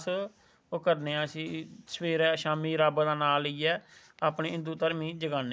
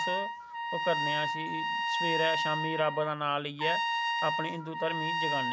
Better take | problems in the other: first | background sound (Trumpet); 2 dB above the speech

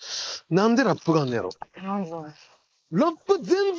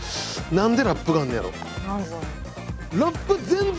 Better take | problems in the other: second | noise reduction (neural mask model Resemble Enhance denoiser)

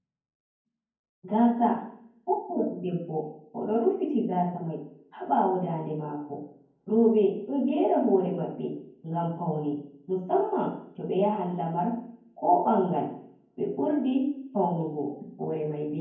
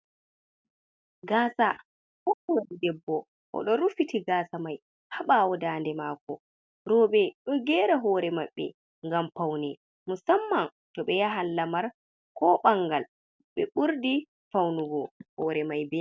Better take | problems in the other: second | room echo; dies away in 0.9 s

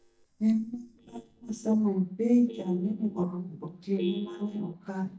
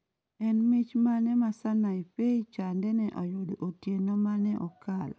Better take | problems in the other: second | noise reduction (neural mask model DeepFilterNet 3)

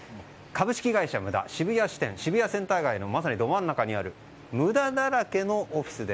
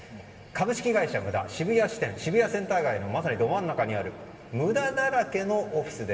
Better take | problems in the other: first | room echo; dies away in 2 s

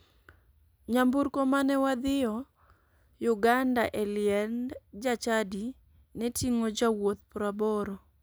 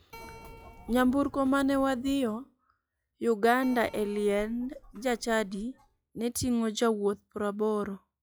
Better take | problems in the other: first | noise reduction (classical method log-MMSE)

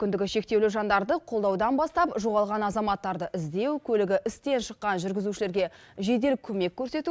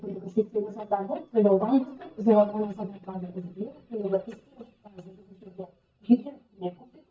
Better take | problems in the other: first | noise reduction (neural mask model DeepFilterNet 3)

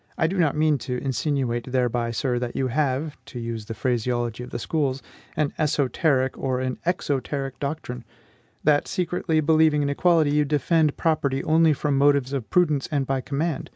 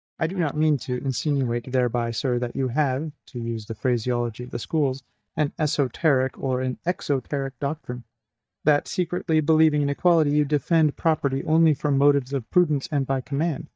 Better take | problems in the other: first | noise reduction (neural mask model DeepFilterNet 3)

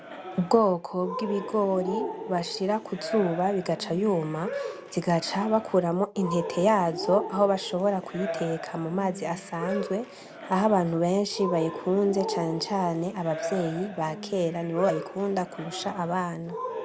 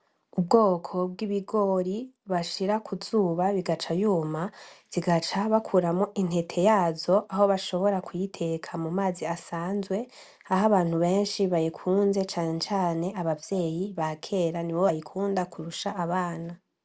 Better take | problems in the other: second | background sound (Cheering); 10 dB below the speech

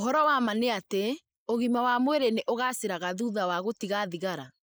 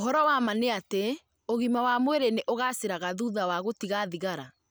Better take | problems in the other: second | noise reduction (neural mask model Resemble Enhance denoiser)

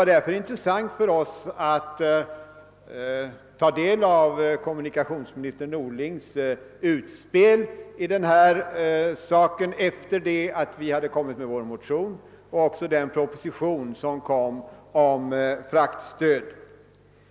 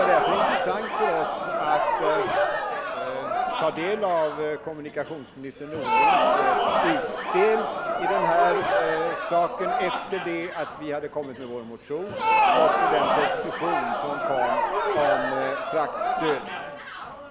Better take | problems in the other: first | background sound (Crowd); 3 dB above the speech

